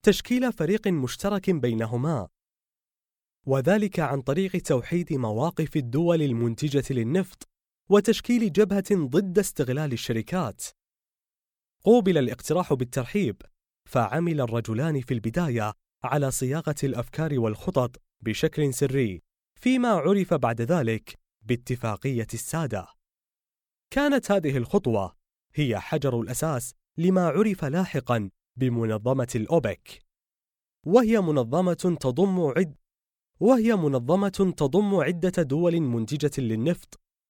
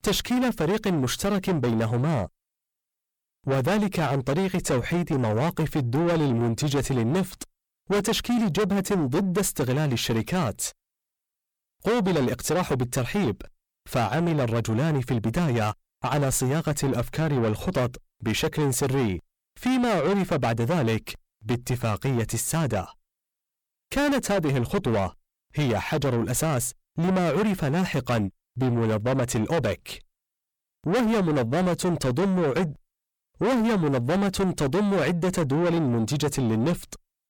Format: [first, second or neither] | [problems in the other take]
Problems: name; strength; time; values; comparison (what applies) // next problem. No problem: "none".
first | distortion; heavy; 6 dB below the speech